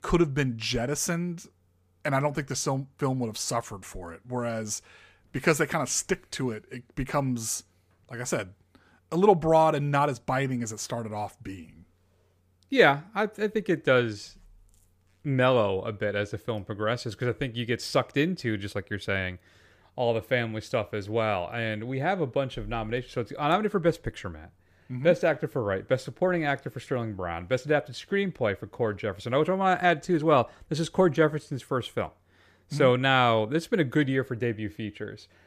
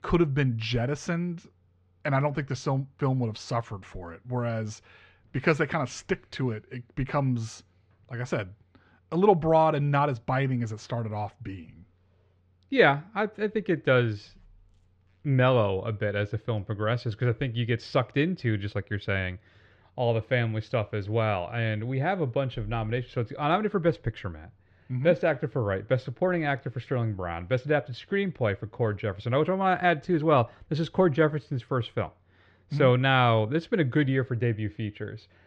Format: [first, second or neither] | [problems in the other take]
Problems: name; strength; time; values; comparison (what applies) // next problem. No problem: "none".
first | muffled; slightly; fading above 4 kHz